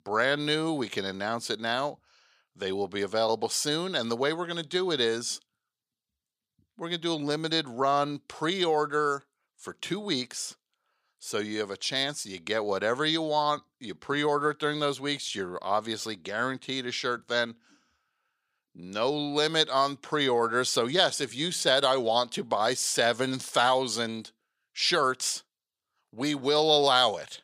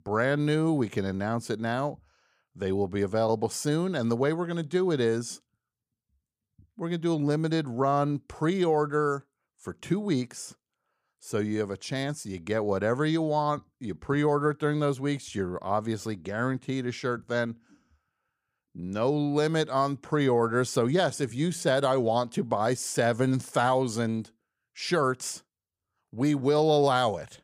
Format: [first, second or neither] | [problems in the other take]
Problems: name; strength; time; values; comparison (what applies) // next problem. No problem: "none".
second | thin; very slightly; fading below 600 Hz